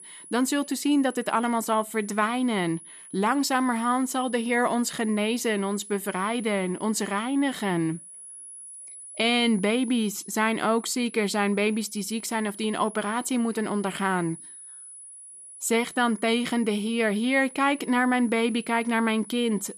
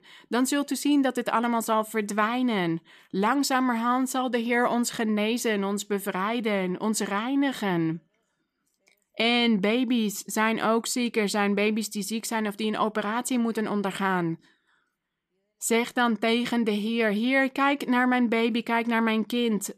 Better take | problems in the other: second | high-pitched whine; noticeable; throughout; 10 kHz, 15 dB below the speech

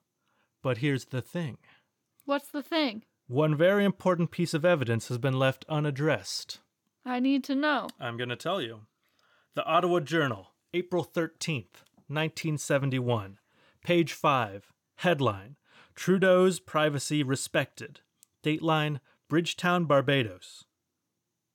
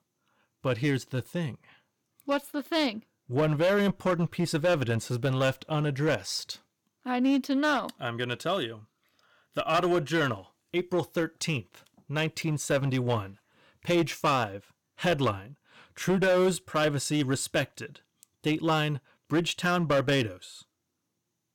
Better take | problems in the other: first | distortion; slight; 6% of the sound clipped

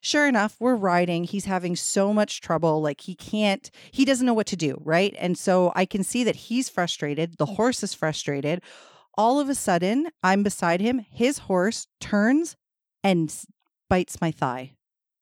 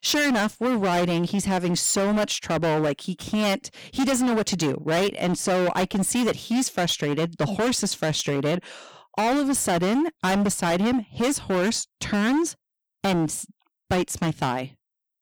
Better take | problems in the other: first | distortion; heavy; 23% of the sound clipped

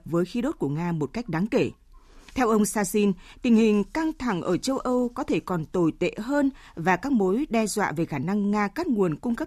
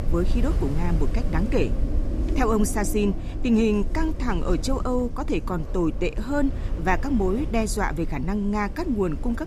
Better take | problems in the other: first | wind noise on the microphone; occasional gusts; 10 dB below the speech

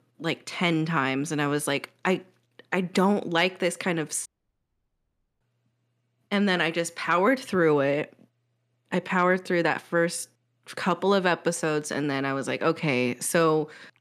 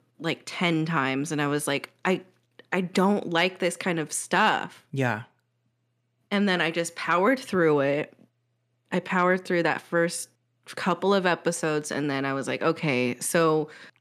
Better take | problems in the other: second | audio cutting out; at 4.5 s for 1 s

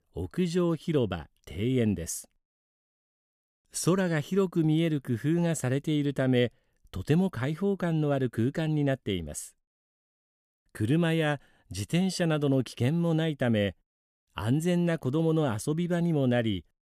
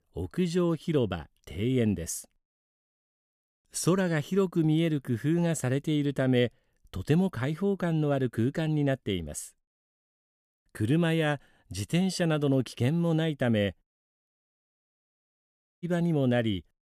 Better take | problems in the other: first | audio cutting out; at 14 s for 1.5 s

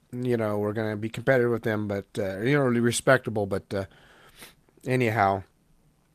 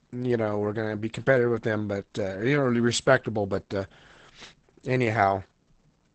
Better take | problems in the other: first | garbled, watery; badly; nothing above 8 kHz; slightly in the first

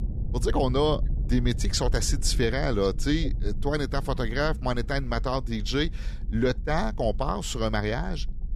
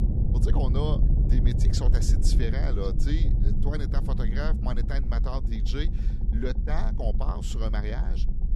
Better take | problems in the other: first | low rumble; loud; throughout; 5 dB below the speech; faint in the first

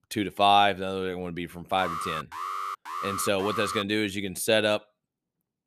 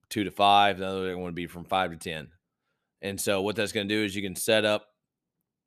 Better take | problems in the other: second | alarm; noticeable; from 2 to 4 s; peak 6 dB below the speech

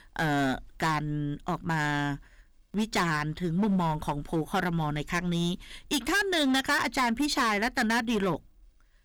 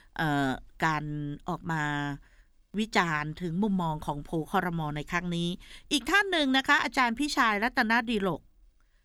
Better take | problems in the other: second | distortion; heavy; 11% of the sound clipped

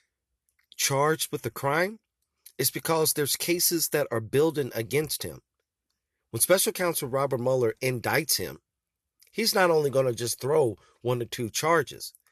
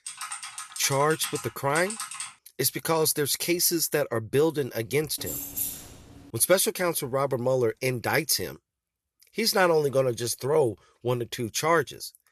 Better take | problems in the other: first | keyboard typing; noticeable; until 2.5 s; peak 8 dB below the speech // jangling keys; noticeable; at 5 s; peak 4 dB below the speech

